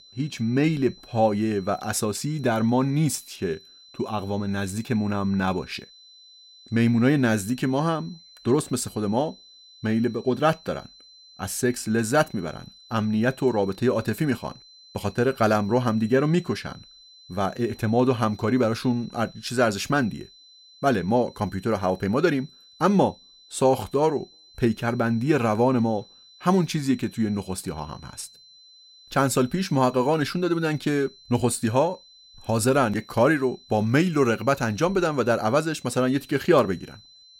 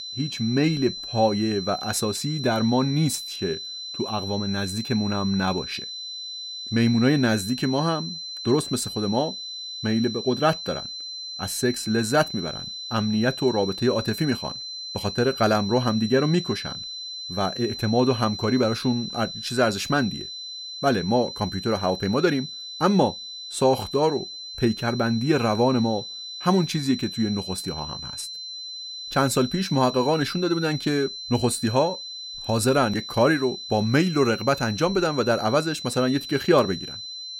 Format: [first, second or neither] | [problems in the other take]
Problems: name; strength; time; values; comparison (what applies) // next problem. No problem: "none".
first | high-pitched whine; loud; throughout; 4 kHz, 9 dB below the speech; faint in the first